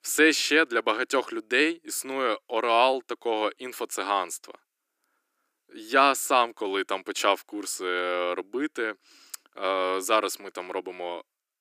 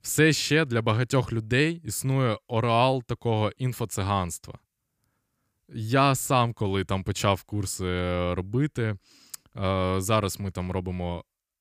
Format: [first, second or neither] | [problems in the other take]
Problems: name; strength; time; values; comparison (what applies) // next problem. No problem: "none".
second | thin; very; fading below 300 Hz